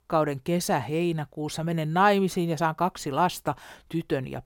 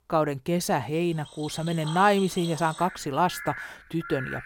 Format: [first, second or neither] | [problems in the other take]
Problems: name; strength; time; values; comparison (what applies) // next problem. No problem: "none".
first | animal sounds; noticeable; from 1.5 s on; 15 dB below the speech